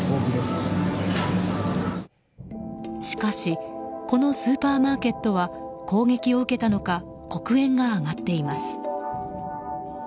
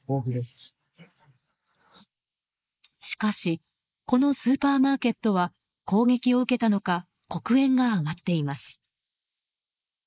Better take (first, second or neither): first